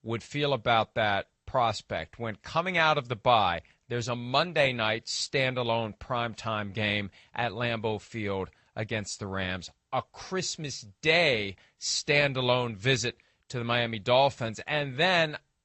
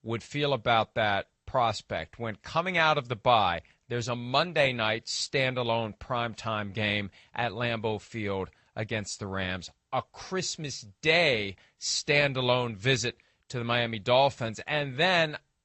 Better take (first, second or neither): neither